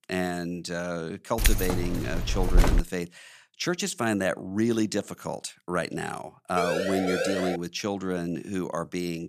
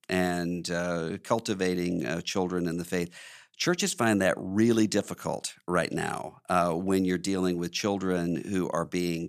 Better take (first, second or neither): second